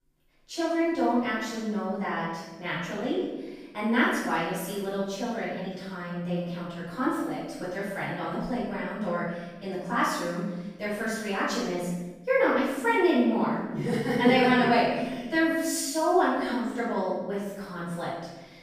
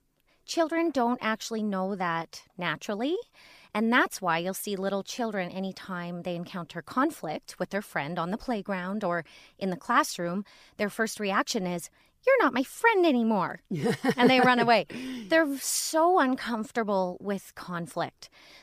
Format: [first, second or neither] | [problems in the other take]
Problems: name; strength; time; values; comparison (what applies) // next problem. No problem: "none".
second | room echo; strong; dies away in 1 s // off-mic speech; far